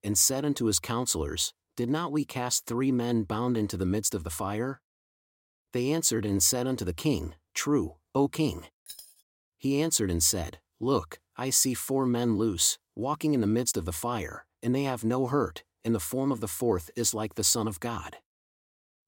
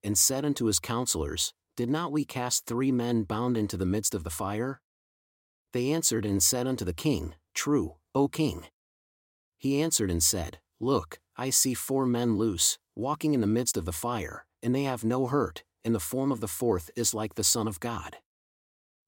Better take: second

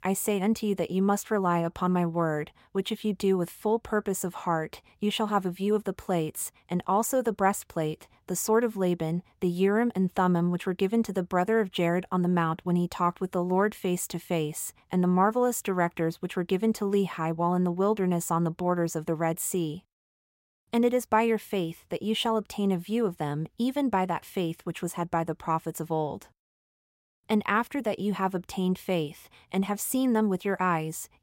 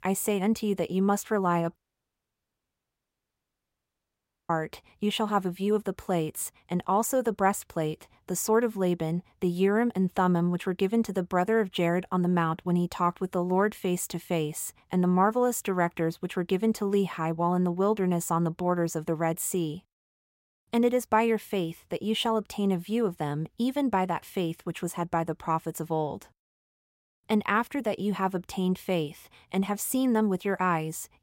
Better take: first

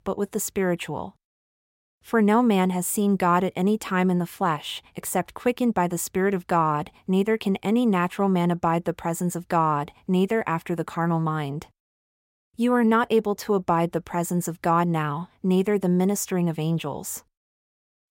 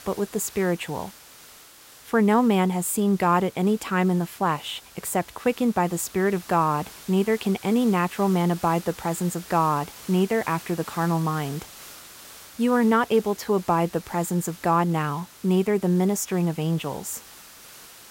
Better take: first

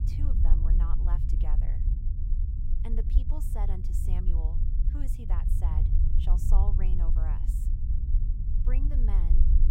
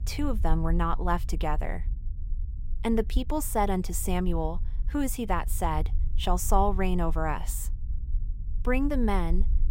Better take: second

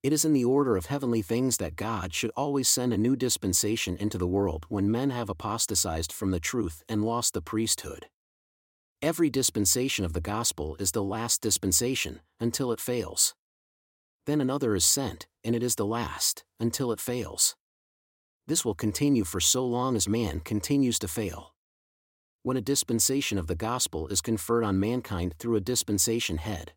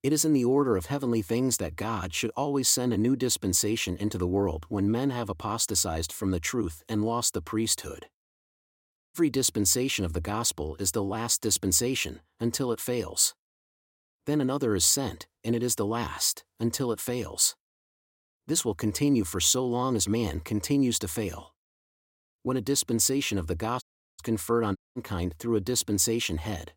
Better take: first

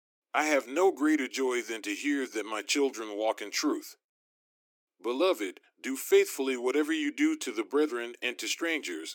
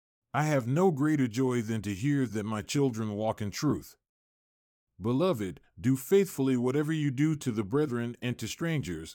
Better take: second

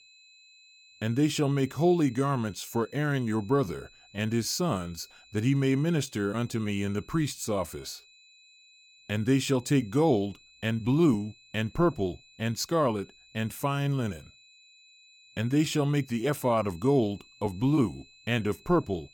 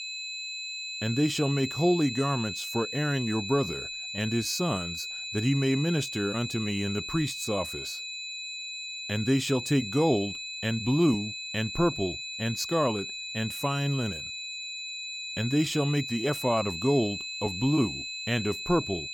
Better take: first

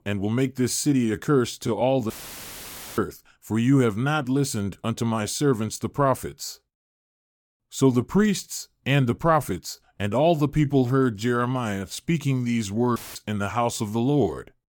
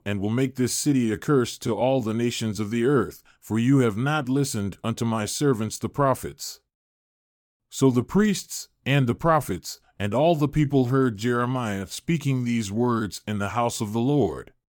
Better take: second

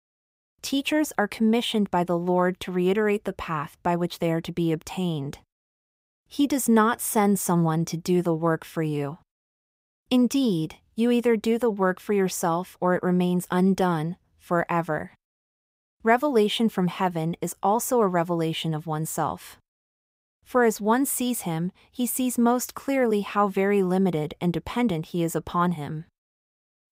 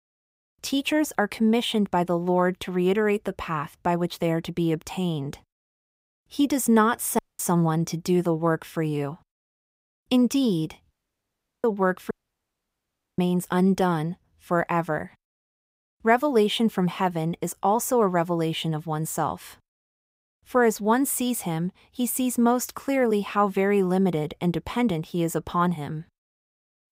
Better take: first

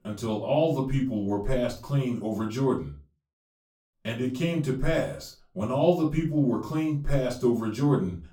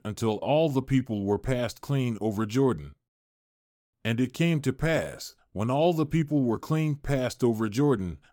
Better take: second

